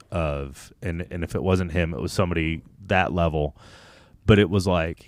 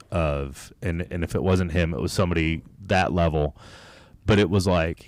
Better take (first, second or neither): first